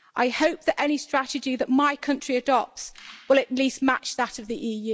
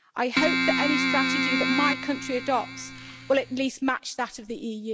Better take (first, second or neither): first